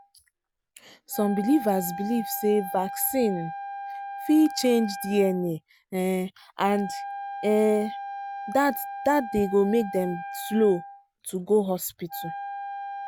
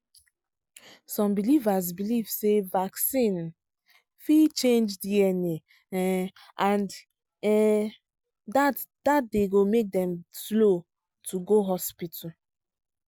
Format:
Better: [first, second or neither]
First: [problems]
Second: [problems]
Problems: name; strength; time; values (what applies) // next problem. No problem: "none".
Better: second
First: background sound (Wind instrument, woodwind instrument); 10 dB below the speech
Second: none